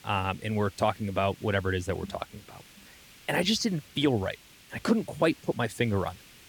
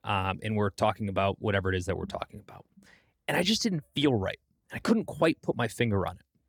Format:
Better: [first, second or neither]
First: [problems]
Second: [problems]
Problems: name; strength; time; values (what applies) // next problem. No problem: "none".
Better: second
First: hiss; faint; throughout; 25 dB below the speech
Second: none